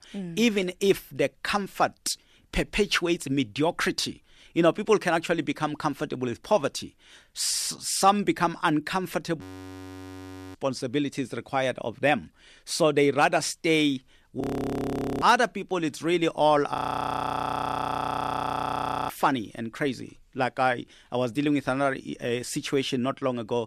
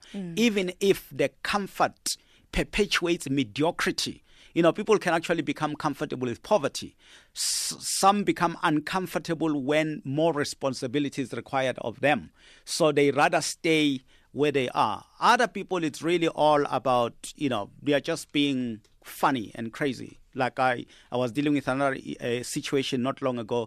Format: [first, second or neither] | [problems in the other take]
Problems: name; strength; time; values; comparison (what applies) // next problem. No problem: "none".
second | audio freezing; at 9.5 s for 1 s, at 14 s for 1 s and at 17 s for 2.5 s